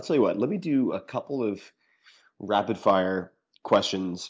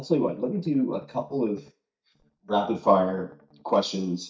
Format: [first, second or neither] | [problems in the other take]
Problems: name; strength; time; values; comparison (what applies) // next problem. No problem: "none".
first | noise reduction (neural mask model DeepFilterNet 3)